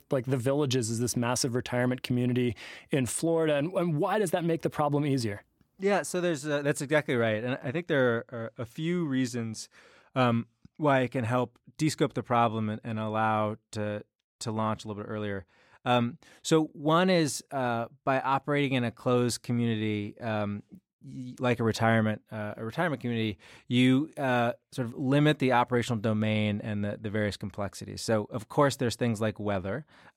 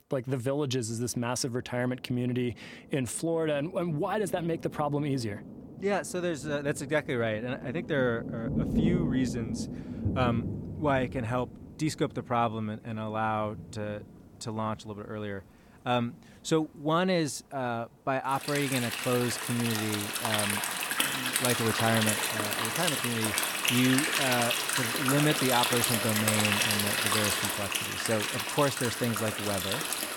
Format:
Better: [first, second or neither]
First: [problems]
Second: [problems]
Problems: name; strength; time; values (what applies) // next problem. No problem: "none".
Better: first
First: none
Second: rain or running water; very loud; throughout; 2 dB above the speech